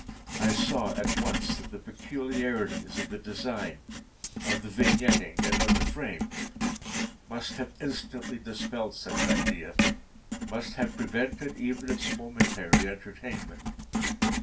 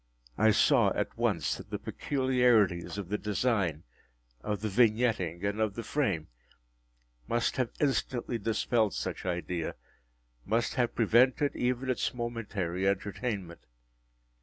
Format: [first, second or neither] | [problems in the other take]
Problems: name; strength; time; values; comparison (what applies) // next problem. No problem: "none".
second | background sound (Writing); 4 dB above the speech // room echo; dies away in 0.2 s